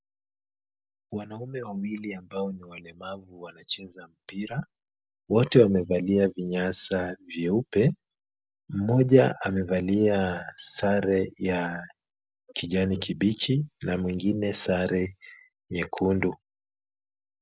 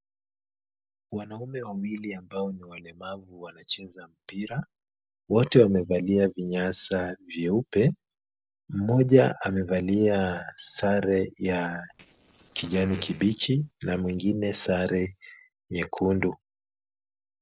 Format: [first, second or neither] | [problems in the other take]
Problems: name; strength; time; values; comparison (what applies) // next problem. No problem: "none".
first | noise reduction (neural separator model SepFormer DNS4)